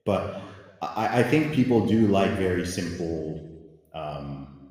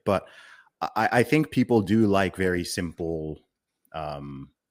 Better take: second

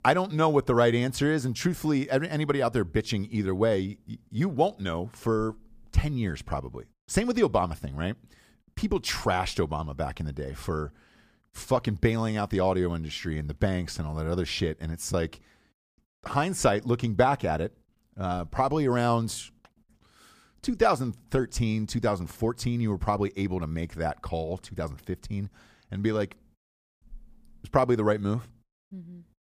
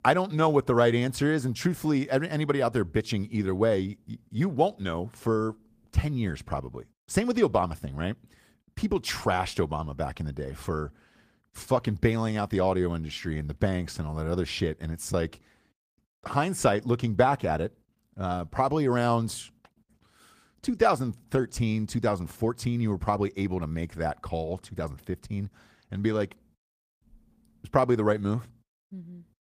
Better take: first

